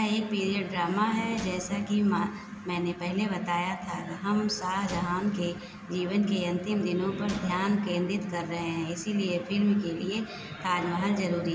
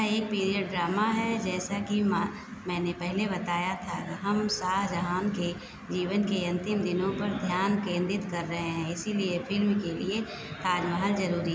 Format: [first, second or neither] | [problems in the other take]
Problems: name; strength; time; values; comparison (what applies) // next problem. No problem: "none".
second | background sound (Gunshot, gunfire); 18 dB below the speech // room echo; dies away in 2.3 s